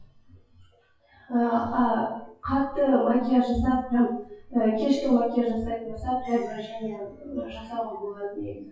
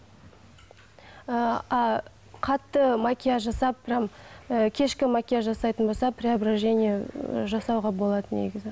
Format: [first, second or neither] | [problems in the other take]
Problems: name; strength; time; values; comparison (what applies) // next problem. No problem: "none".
second | noise reduction (classical method WPE with log-MMSE)